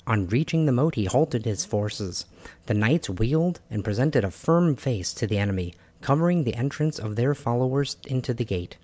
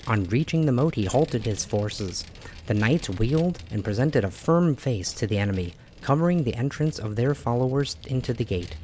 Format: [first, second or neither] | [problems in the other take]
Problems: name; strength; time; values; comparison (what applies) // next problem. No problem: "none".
first | background sound (Vehicle); 18 dB below the speech